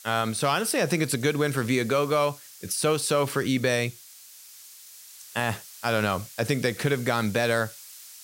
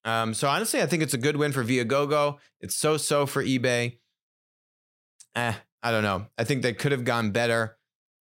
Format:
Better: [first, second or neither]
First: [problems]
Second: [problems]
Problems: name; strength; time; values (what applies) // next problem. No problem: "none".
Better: second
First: hiss; noticeable; throughout; 20 dB below the speech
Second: none